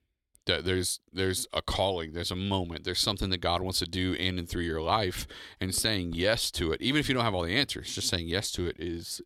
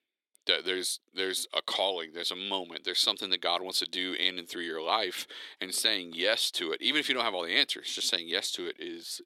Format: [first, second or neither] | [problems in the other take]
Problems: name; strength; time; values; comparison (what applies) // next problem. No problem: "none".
first | thin; somewhat; fading below 300 Hz